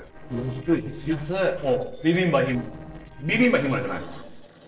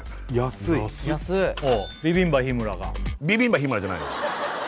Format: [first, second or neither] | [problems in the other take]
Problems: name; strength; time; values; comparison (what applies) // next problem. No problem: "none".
second | noise reduction (neural separator model SepFormer DNS4)